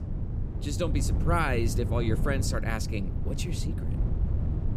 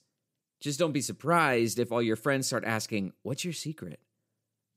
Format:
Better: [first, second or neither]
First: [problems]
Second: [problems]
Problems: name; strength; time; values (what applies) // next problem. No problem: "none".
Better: second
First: wind noise on the microphone; heavy; 10 dB below the speech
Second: none